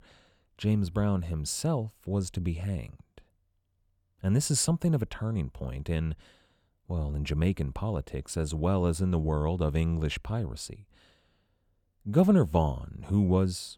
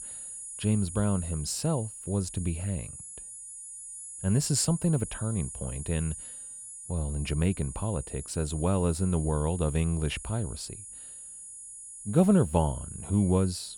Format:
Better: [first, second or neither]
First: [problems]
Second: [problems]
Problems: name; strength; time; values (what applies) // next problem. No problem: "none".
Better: first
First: none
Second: high-pitched whine; noticeable; throughout; 10.5 kHz, 10 dB below the speech